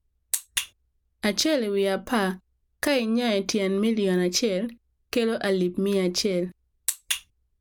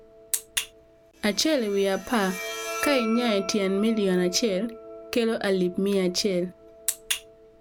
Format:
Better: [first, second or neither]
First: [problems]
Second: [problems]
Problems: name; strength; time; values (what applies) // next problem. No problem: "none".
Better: first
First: none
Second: background sound (Bowed string instrument); 13 dB below the speech